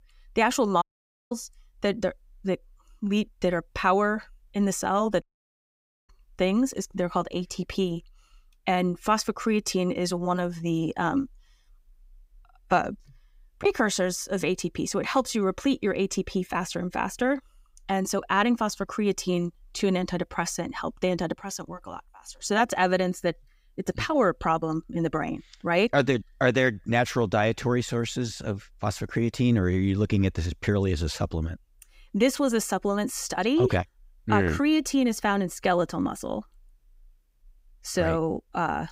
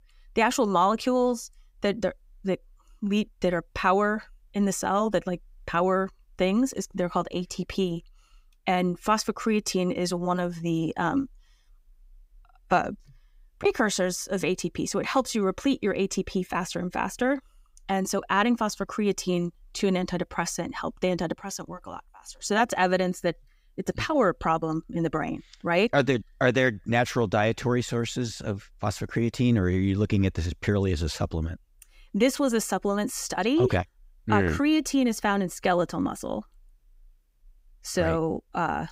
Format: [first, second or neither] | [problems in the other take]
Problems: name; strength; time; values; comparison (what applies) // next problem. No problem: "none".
second | audio cutting out; at 1 s and at 5 s for 1 s